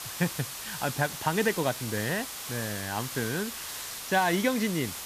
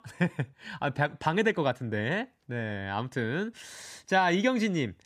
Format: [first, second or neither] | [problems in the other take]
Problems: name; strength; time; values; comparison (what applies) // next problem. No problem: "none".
second | hiss; loud; throughout; 6 dB below the speech